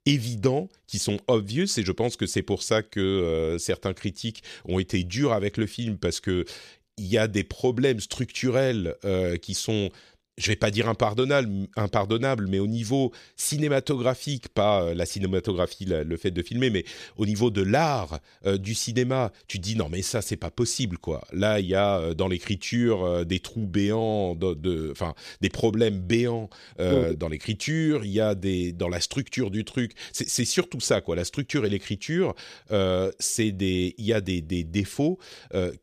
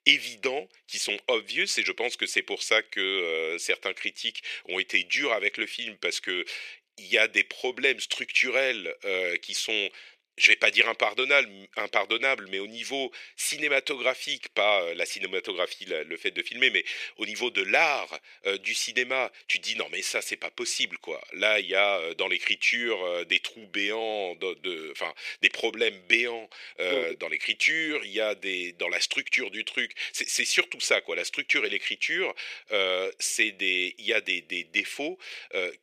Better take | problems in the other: first | thin; very; fading below 400 Hz

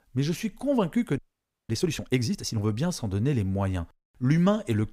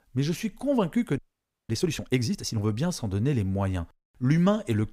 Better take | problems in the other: neither | audio freezing; at 1 s for 0.5 s; the same in both

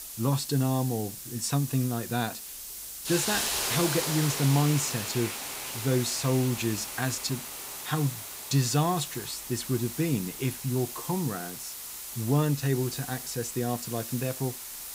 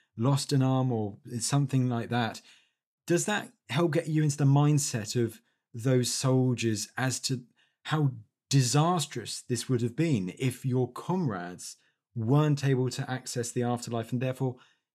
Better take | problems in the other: second | hiss; loud; throughout; 5 dB below the speech

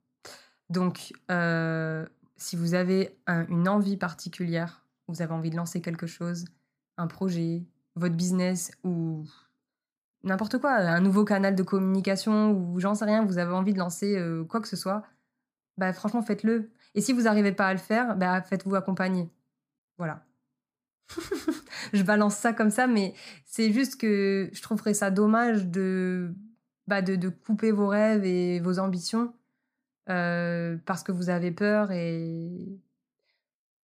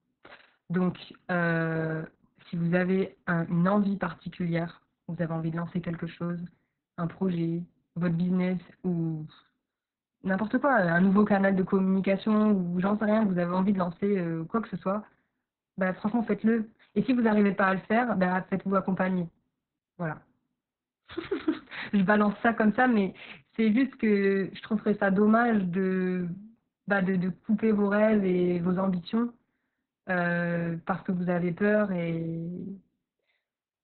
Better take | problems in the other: first | garbled, watery; badly; nothing above 4 kHz

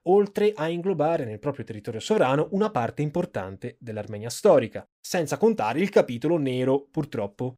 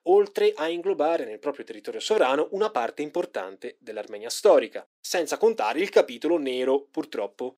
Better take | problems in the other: first | thin; somewhat; fading below 300 Hz

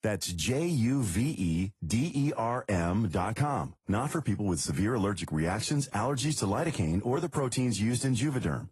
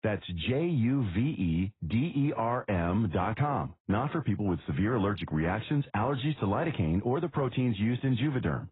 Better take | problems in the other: first | garbled, watery; badly; nothing above 4 kHz; slightly in the first

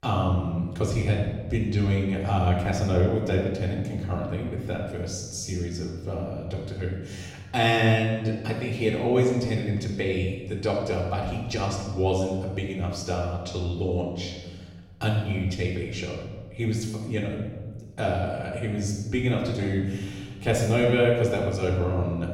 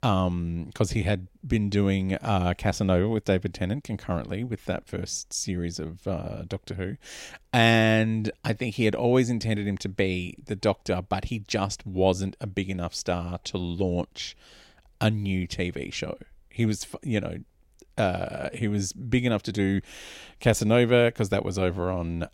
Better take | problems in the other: second | off-mic speech; far // room echo; noticeable; dies away in 1.4 s

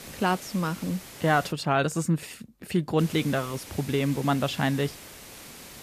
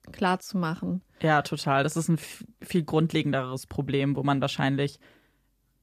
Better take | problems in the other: second | hiss; noticeable; until 1.5 s and from 3 s on; 15 dB below the speech

